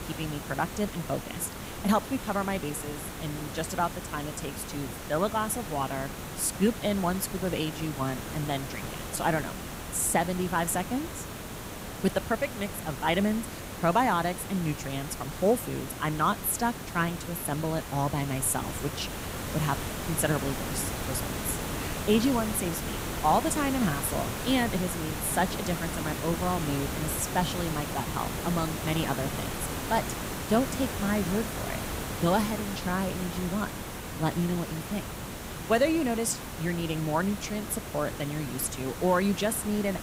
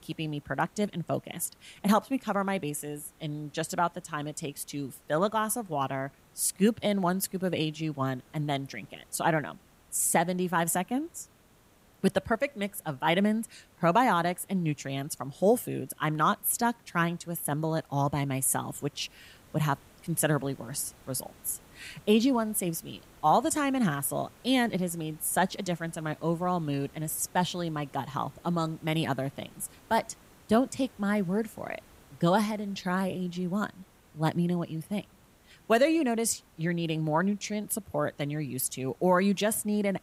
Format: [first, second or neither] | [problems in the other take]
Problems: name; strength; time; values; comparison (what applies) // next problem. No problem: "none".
second | hiss; loud; throughout; 6 dB below the speech; faint in the second